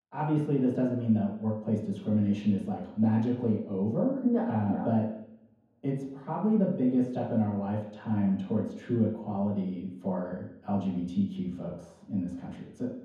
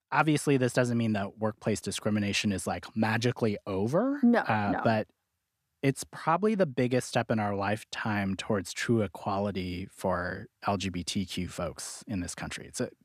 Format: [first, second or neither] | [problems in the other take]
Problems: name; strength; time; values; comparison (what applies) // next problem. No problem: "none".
second | room echo; noticeable; dies away in 0.9 s // off-mic speech; far